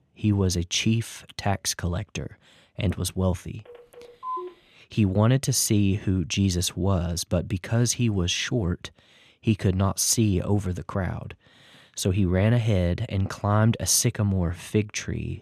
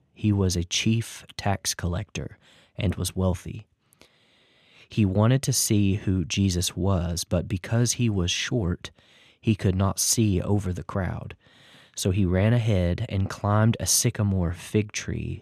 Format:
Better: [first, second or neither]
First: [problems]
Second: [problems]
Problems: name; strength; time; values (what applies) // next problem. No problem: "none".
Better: second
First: phone ringing; noticeable; at 3.5 s; peak 9 dB below the speech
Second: none